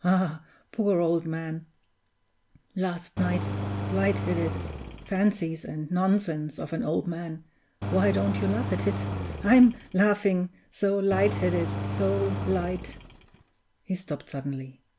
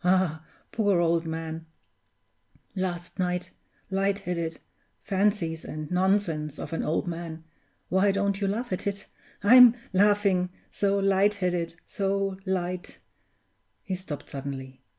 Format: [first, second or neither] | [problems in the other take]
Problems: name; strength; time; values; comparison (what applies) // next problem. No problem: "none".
second | background sound (Engine); 5 dB below the speech